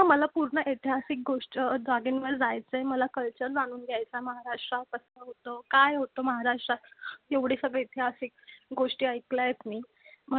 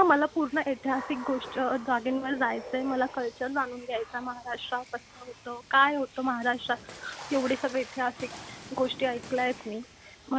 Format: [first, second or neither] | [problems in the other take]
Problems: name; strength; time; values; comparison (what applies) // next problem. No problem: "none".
first | background sound (Water / Splash, splatter); 16 dB below the speech